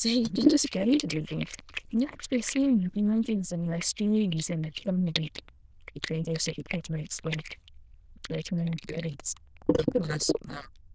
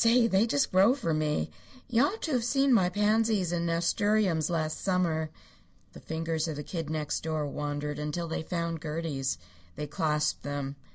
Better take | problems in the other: second | noise reduction (neural diffusion model UNIVERSE++)

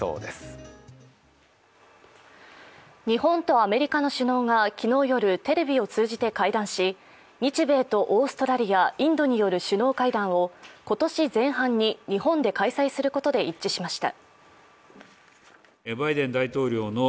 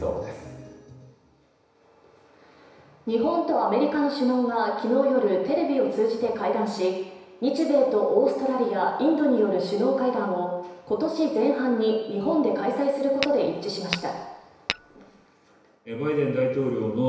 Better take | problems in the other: first | background sound (Tap / Glass); 10 dB below the speech // room echo; dies away in 1 s

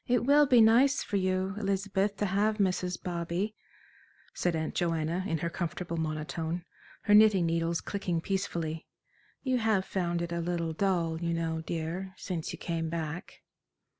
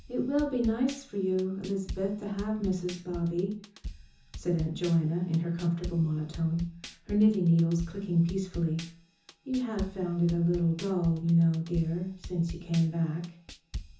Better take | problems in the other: first | background sound (Drum kit); 14 dB below the speech // room echo; dies away in 0.6 s

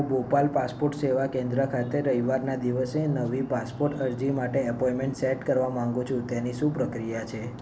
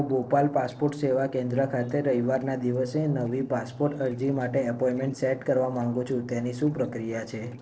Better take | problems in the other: first | noise reduction (neural separator model SepFormer DNS4)

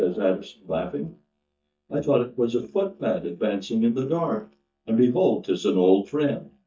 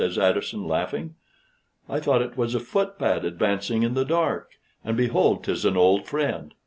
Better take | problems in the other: second | noise reduction (neural mask model DeepFilterNet 3)

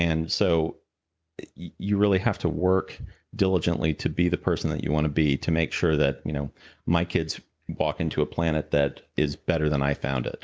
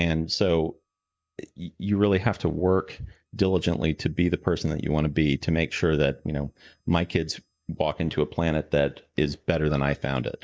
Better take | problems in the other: first | noise reduction (neural mask model DeepFilterNet 3)

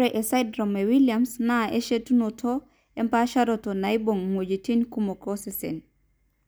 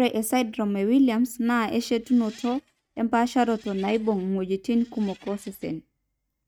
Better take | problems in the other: first | noise reduction (neural mask model RNNoise)

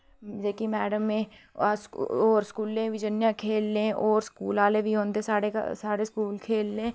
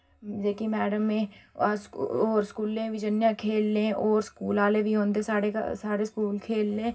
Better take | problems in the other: first | room echo; dies away in 0.4 s

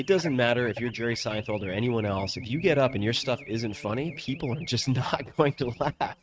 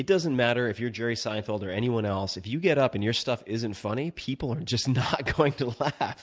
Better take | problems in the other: second | noise reduction (neural mask model RNNoise)

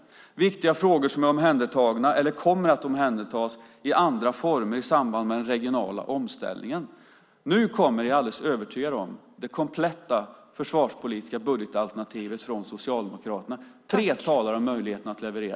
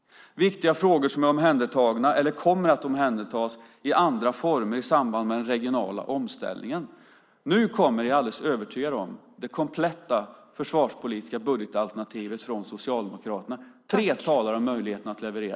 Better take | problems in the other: first | noise reduction (neural mask model Resemble Enhance denoiser)

